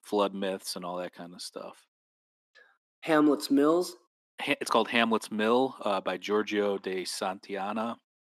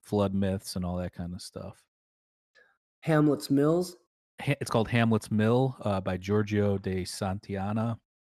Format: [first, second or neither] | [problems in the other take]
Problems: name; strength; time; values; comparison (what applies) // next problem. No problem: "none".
second | thin; very slightly; fading below 250 Hz